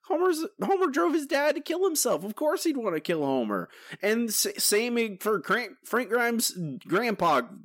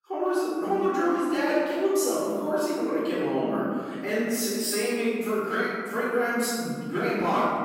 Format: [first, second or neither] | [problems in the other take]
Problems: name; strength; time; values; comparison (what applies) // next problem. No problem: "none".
first | room echo; strong; dies away in 2 s // off-mic speech; far